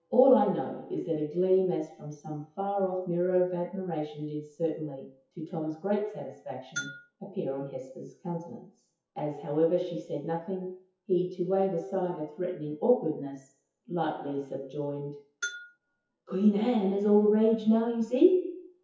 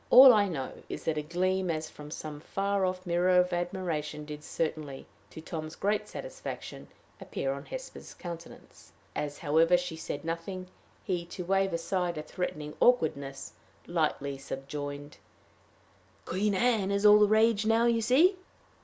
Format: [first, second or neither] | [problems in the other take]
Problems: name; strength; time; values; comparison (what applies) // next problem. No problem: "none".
second | noise reduction (classical method WPE with log-MMSE)